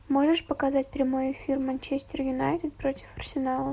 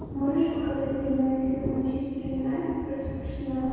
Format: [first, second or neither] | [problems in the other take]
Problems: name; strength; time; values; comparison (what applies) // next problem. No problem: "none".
first | background sound (Thunder); 9 dB below the speech // room echo; dies away in 2 s